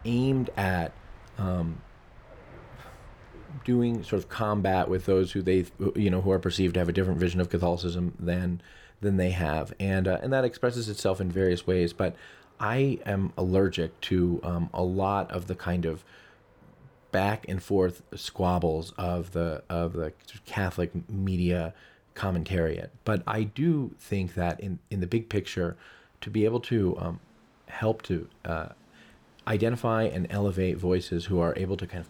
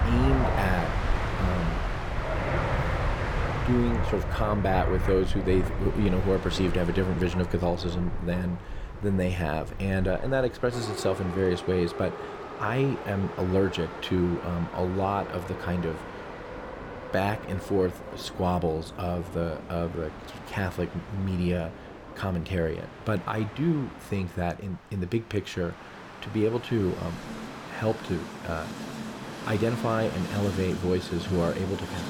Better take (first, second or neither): first